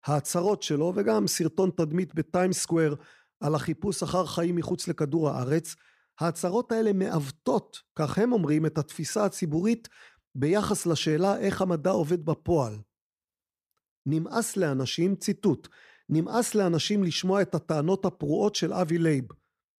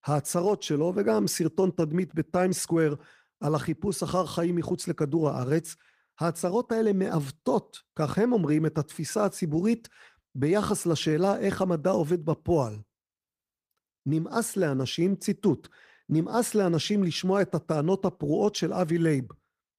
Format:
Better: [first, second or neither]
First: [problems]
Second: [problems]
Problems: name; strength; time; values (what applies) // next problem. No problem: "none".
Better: first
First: none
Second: garbled, watery; slightly; nothing above 15 kHz